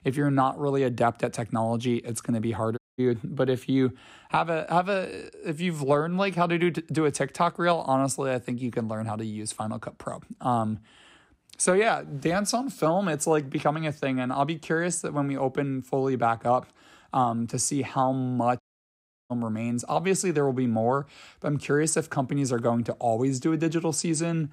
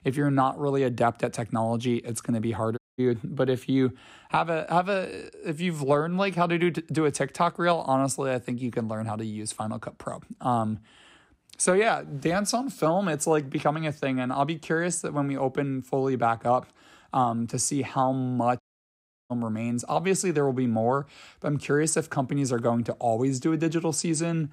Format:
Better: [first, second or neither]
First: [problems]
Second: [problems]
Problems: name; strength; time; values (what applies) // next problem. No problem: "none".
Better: neither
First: audio cutting out; at 3 s and at 19 s for 0.5 s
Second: audio cutting out; at 3 s and at 19 s for 0.5 s